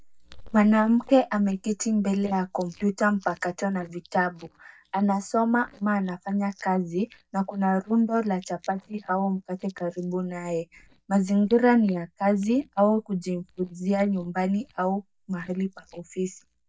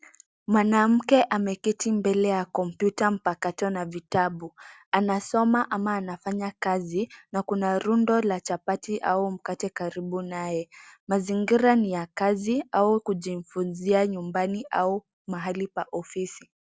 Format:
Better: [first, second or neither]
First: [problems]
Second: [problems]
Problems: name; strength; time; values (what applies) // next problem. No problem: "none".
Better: second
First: noise reduction (neural mask model DeepFilterNet 3)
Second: none